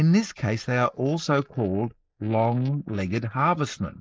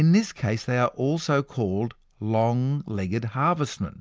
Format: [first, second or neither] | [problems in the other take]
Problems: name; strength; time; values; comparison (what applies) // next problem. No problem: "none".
second | noise reduction (neural mask model Resemble Enhance denoiser)